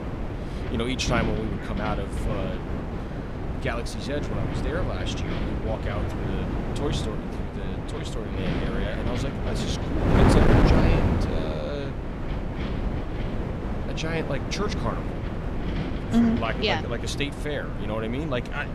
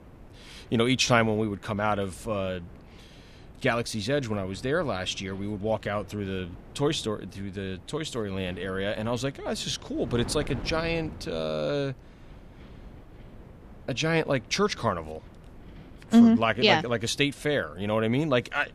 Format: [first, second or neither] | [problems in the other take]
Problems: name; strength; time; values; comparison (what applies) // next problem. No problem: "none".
second | wind noise on the microphone; heavy; 1 dB below the speech; occasional gusts in the second